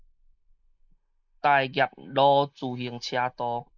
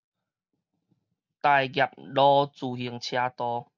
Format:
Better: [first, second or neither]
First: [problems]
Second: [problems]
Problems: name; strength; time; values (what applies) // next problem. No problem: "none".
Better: second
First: noise reduction (neural mask model Resemble Enhance denoiser)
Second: none